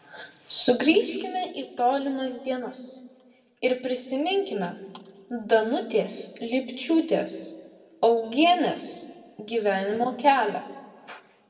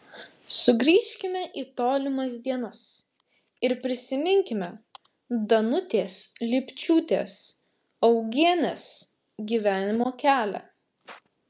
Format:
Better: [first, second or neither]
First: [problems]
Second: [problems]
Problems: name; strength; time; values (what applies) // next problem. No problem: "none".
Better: second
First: room echo; dies away in 1.4 s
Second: none